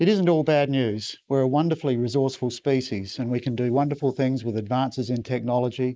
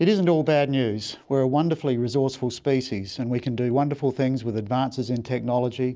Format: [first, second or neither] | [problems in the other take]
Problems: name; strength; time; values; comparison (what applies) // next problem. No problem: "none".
second | noise reduction (neural mask model Resemble Enhance denoiser)